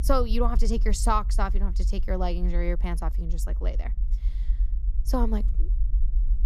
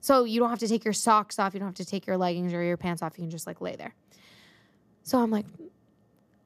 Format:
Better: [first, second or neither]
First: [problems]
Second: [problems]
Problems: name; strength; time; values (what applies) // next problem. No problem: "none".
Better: second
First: low rumble; faint; throughout; 20 dB below the speech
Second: none